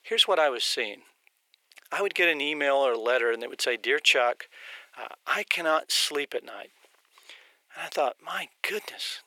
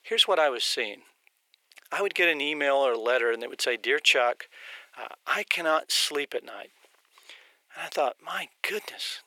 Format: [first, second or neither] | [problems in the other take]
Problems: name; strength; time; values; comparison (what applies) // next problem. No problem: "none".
neither | thin; very; fading below 400 Hz; the same in both